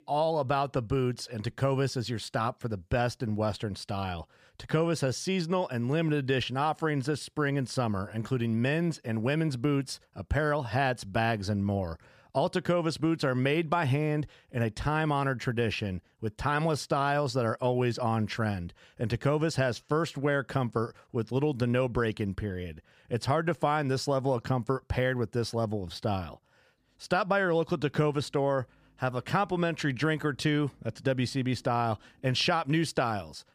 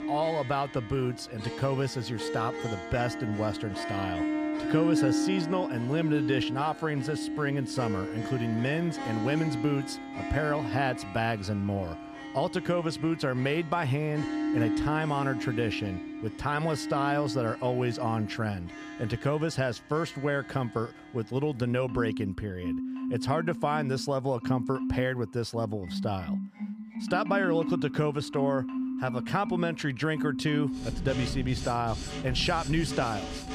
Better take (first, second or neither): first